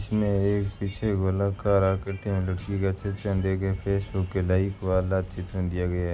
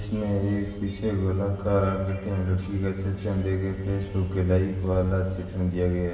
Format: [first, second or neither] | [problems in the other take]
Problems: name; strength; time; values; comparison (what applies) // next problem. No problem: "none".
first | room echo; dies away in 1.2 s